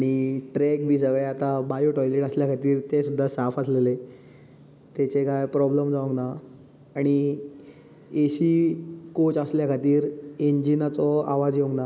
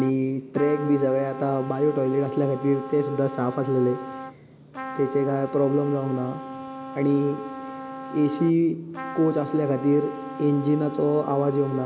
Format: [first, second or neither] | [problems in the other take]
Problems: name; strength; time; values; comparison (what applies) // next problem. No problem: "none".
first | background sound (Trumpet); 12 dB below the speech